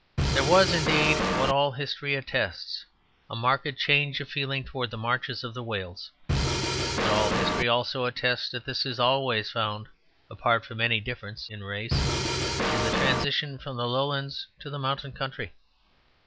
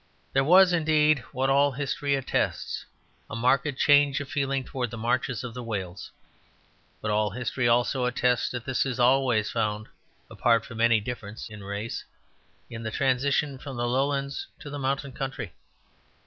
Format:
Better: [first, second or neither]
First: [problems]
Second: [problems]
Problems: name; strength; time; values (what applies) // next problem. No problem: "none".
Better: second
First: background sound (Drum kit); 3 dB above the speech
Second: none